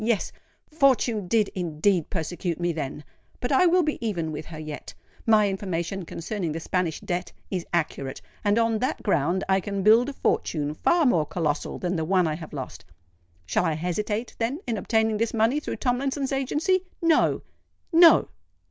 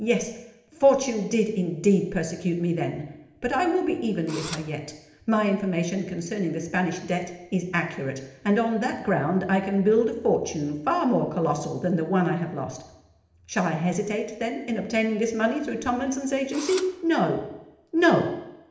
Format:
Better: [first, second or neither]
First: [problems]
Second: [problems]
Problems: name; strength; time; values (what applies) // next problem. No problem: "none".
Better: first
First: none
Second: background sound (Engine / Drill); 14 dB below the speech // room echo; dies away in 0.8 s